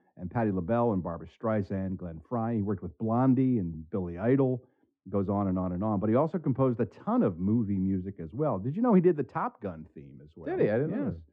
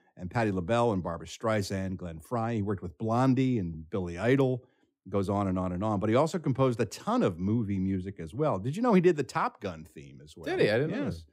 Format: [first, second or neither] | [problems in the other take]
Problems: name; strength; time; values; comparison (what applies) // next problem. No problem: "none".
second | muffled; very; fading above 1.5 kHz